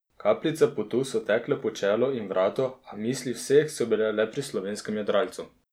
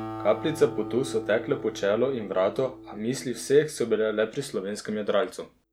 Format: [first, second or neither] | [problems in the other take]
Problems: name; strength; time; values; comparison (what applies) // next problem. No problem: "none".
first | background sound (Acoustic guitar); 14 dB below the speech